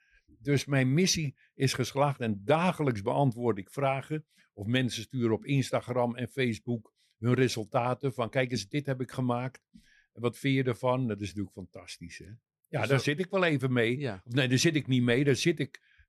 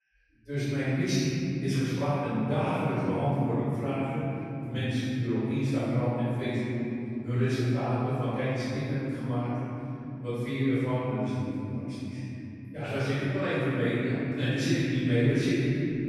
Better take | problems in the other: first | room echo; strong; dies away in 3 s // off-mic speech; far

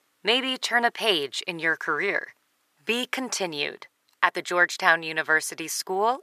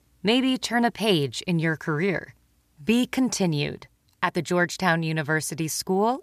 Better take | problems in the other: second | thin; very; fading below 500 Hz

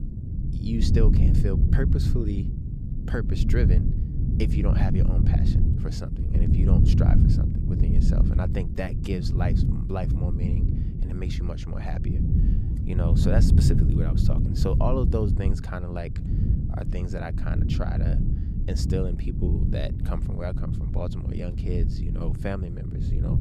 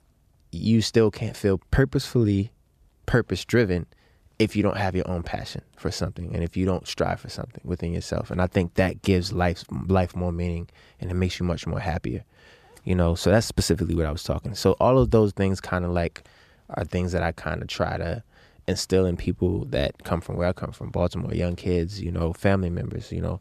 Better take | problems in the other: second | low rumble; loud; throughout; 2 dB below the speech

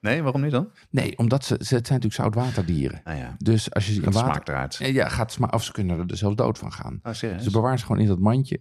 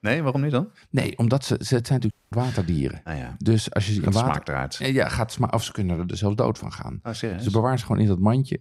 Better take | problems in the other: first | audio cutting out; at 2 s

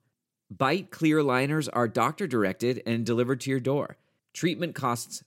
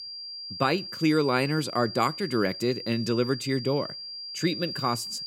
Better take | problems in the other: first | high-pitched whine; loud; throughout; 4.5 kHz, 8 dB below the speech

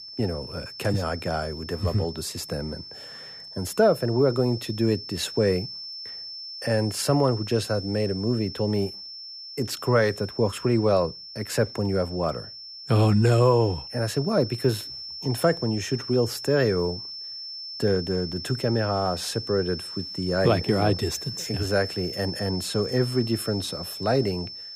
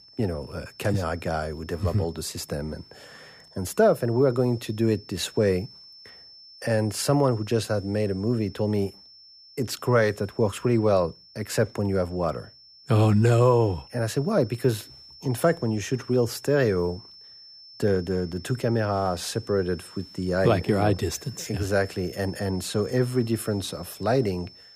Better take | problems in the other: second | high-pitched whine; loud; throughout; 5.5 kHz, 10 dB below the speech; faint in the second

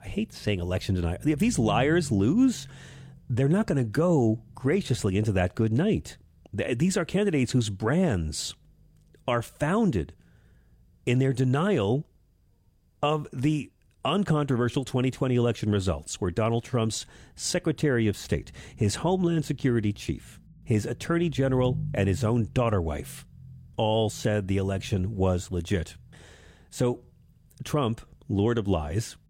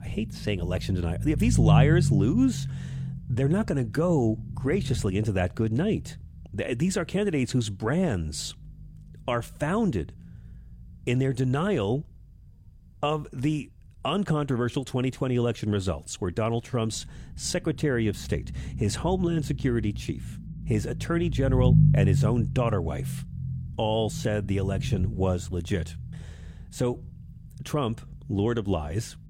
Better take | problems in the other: first | low rumble; loud; throughout; 9 dB below the speech; faint in the first

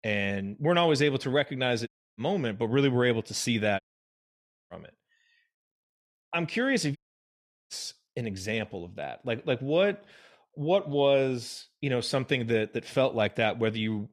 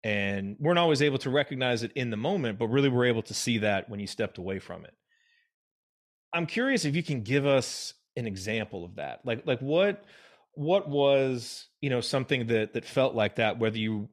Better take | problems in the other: second | audio cutting out; at 2 s, at 4 s for 1 s and at 7 s for 0.5 s

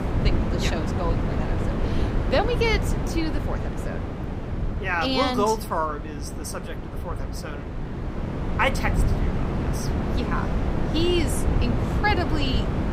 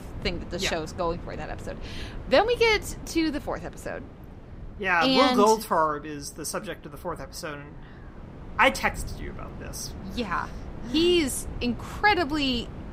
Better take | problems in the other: second | wind noise on the microphone; heavy; 6 dB below the speech; occasional gusts in the second

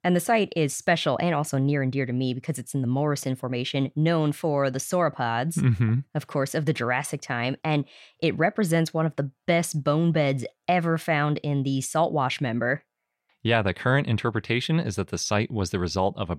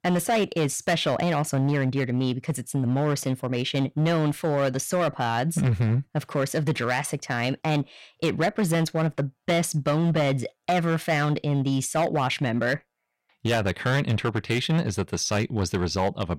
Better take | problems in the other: first | distortion; slight; 11% of the sound clipped

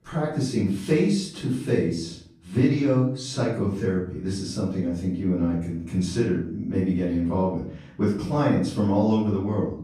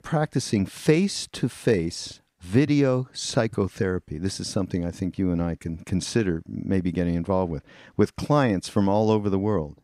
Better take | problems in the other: second | off-mic speech; far // room echo; noticeable; dies away in 0.5 s

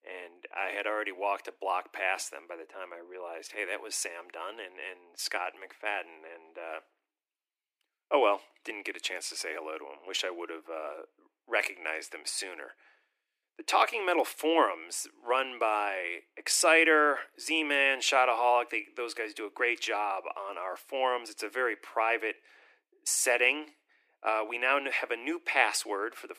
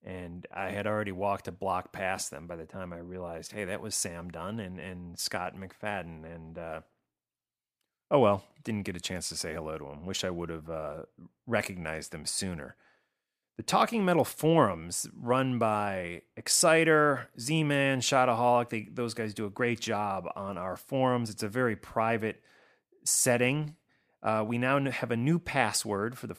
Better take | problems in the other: second | thin; very; fading below 300 Hz

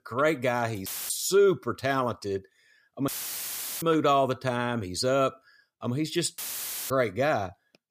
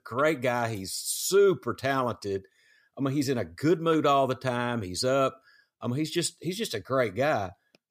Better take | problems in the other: second | audio cutting out; filled with static; at 1 s, at 3 s for 0.5 s and at 6.5 s for 0.5 s

